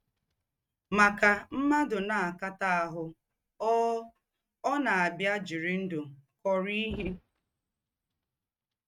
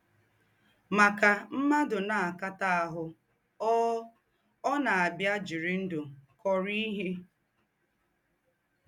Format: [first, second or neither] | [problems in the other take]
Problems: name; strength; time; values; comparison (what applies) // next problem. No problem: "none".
second | noise reduction (neural mask model RNNoise)